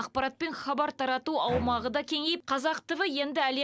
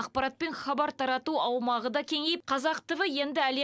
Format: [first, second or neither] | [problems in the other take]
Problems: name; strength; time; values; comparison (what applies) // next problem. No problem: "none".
second | background sound (Bowed string instrument); 12 dB below the speech